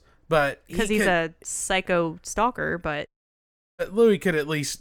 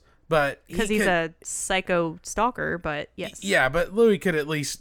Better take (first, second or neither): second